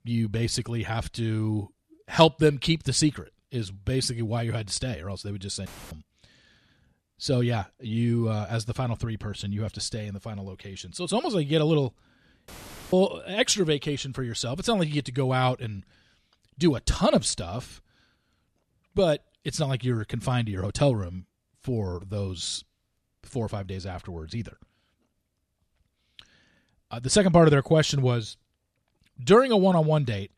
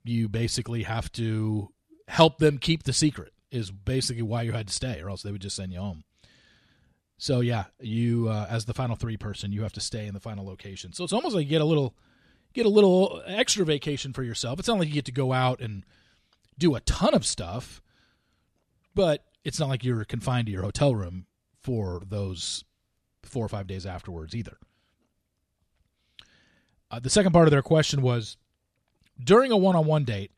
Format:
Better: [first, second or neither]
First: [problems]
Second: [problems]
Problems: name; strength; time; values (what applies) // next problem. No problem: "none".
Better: second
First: audio cutting out; filled with static; at 5.5 s and at 12 s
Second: none